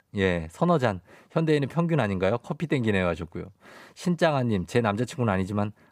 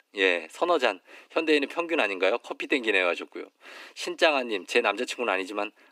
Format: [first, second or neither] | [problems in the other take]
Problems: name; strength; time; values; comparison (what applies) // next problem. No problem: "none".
first | thin; somewhat; fading below 250 Hz